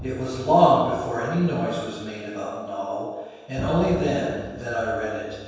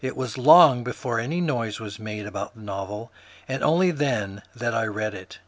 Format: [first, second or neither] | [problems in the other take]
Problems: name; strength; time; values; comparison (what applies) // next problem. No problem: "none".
second | background sound (Drum); 15 dB below the speech // room echo; dies away in 1.2 s